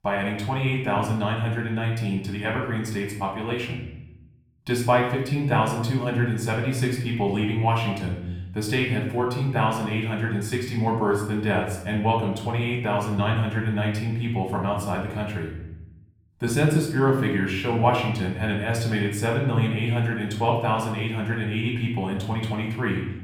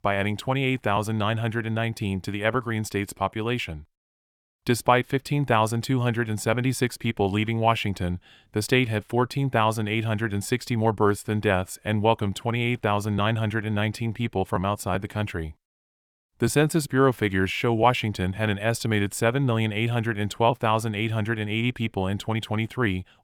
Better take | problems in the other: second | off-mic speech; far // room echo; noticeable; dies away in 0.8 s

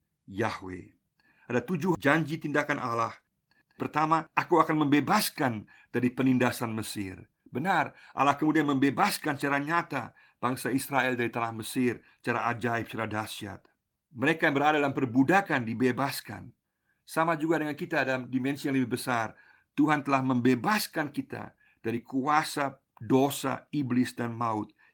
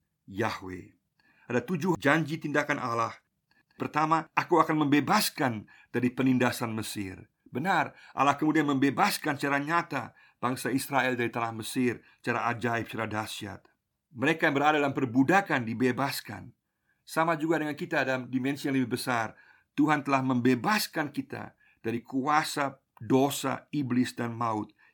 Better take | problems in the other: second | garbled, watery; slightly; nothing above 18 kHz

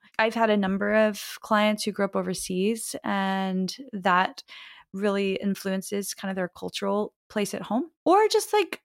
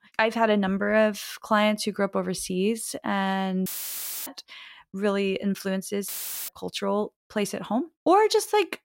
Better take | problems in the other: first | audio cutting out; filled with static; at 3.5 s for 0.5 s and at 6 s

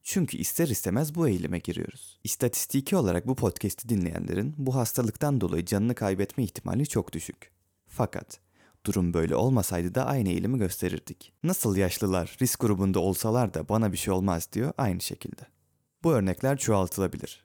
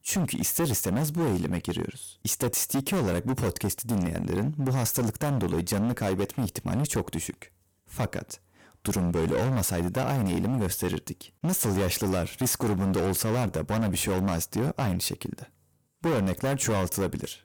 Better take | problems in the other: first | distortion; heavy; 18% of the sound clipped

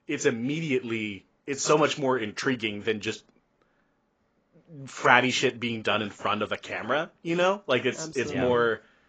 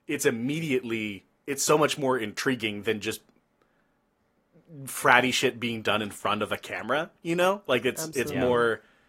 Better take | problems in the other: second | garbled, watery; badly; nothing above 7.5 kHz; slightly in the second

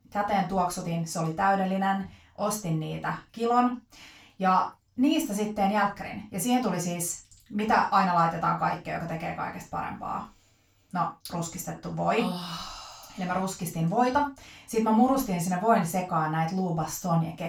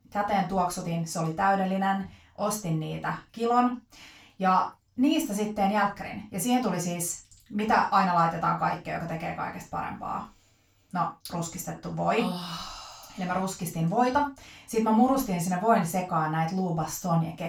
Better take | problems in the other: neither | room echo; noticeable; dies away in 0.3 s; the same in both // off-mic speech; far; the same in both

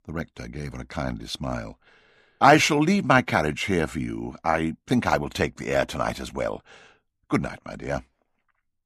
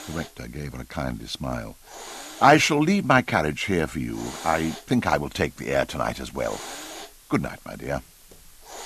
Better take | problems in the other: first | hiss; noticeable; throughout; 20 dB below the speech

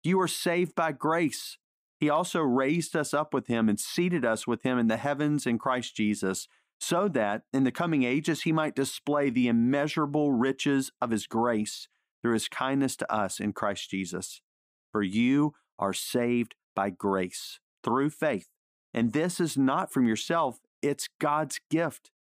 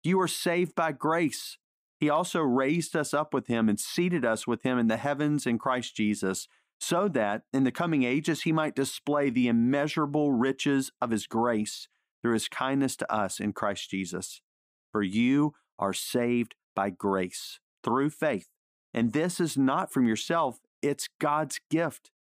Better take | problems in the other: neither | none

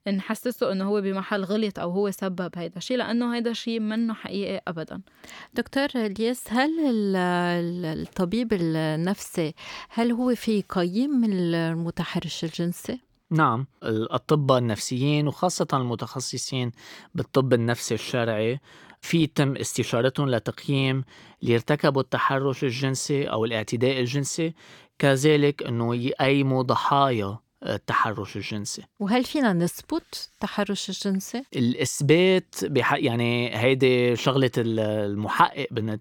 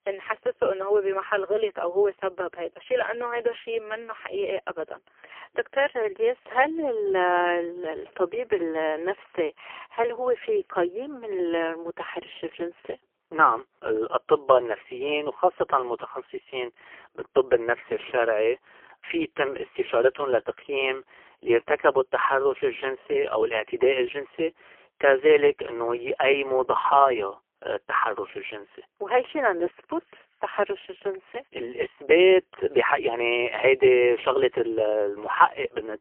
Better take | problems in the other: first | phone-call audio; poor line; nothing above 3 kHz

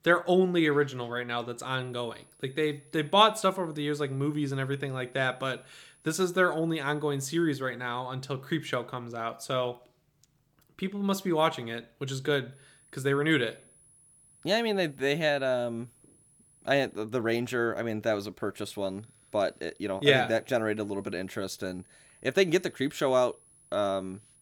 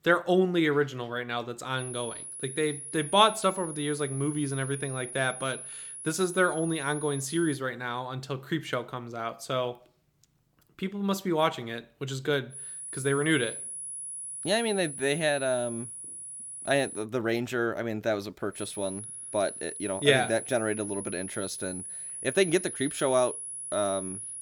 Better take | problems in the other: first | high-pitched whine; loud; from 2 to 7.5 s, from 13 to 17 s and from 19 s on; 10.5 kHz, 8 dB below the speech; faint in the first

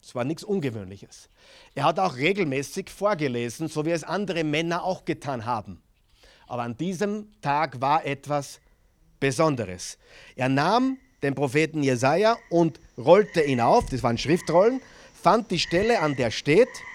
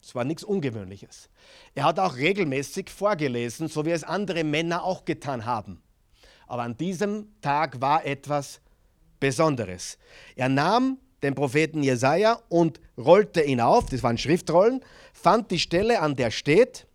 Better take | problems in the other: second | animal sounds; noticeable; throughout; 20 dB below the speech

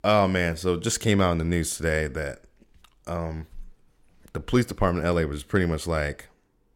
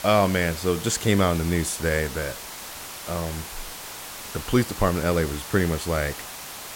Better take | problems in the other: first | hiss; noticeable; throughout; 10 dB below the speech

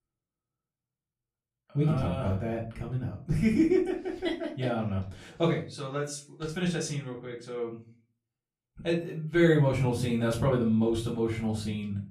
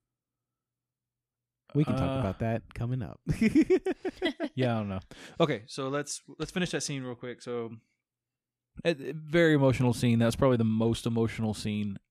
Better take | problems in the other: second | room echo; slight; dies away in 0.3 s // off-mic speech; far

